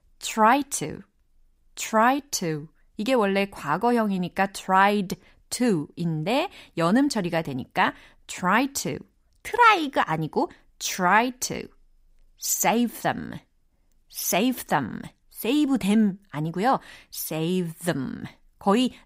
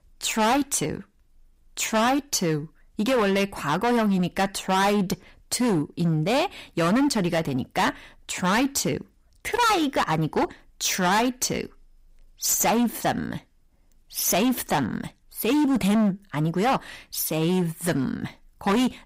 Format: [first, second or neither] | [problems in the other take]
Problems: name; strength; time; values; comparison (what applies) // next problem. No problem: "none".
first | distortion; heavy; 13% of the sound clipped